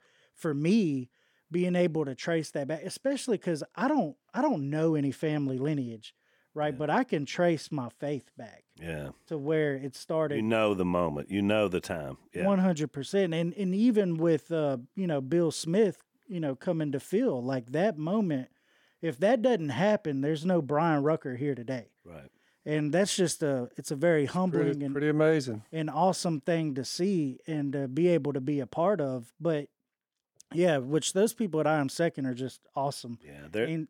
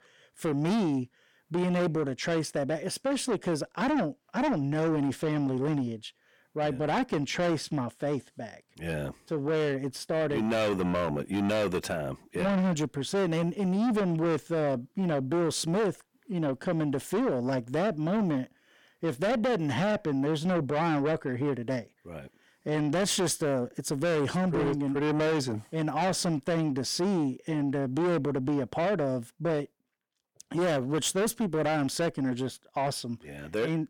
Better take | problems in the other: first | distortion; heavy; 7 dB below the speech

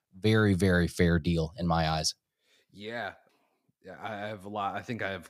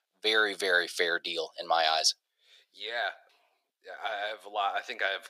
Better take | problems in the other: first | thin; very; fading below 450 Hz

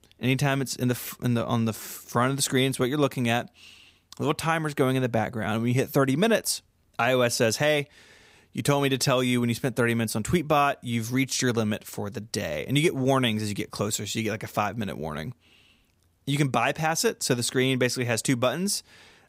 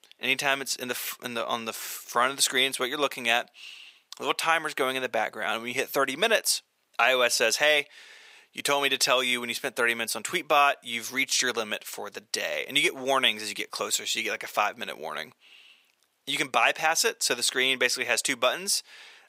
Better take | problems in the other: first | thin; very; fading below 550 Hz

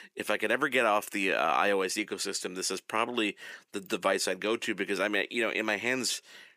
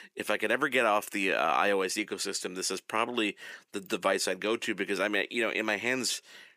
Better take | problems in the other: neither | thin; somewhat; fading below 250 Hz; the same in both

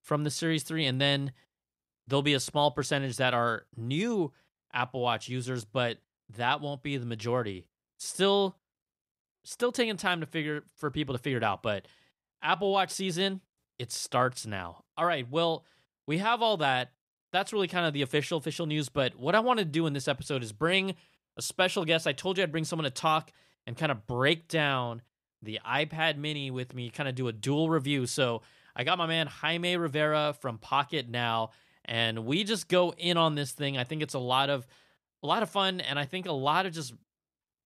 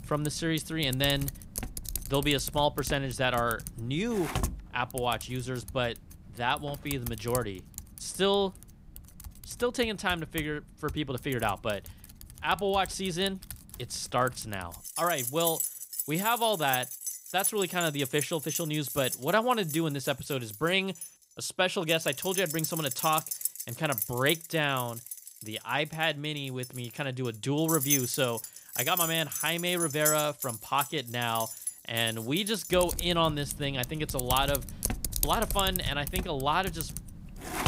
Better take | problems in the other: first | household noises; loud; throughout; 5 dB below the speech

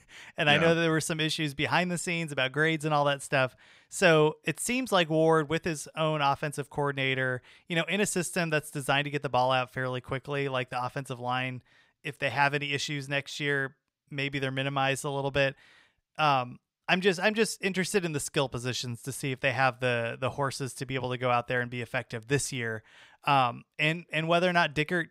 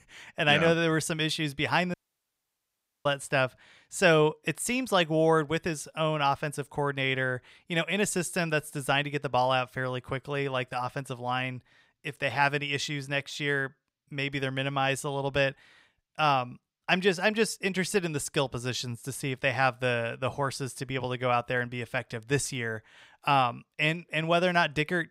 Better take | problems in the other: first | audio cutting out; at 2 s for 1 s

